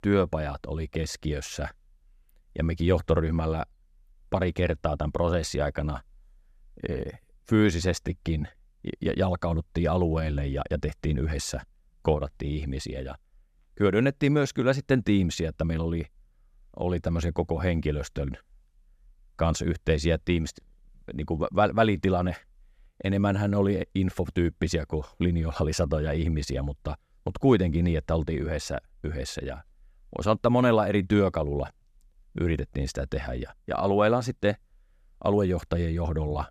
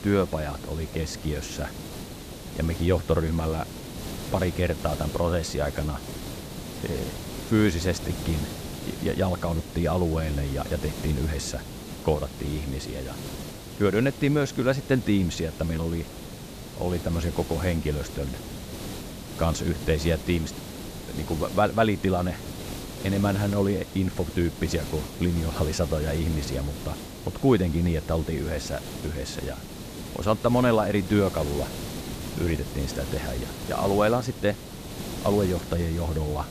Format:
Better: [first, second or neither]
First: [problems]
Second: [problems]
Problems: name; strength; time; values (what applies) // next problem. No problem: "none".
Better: first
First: none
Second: hiss; loud; throughout; 10 dB below the speech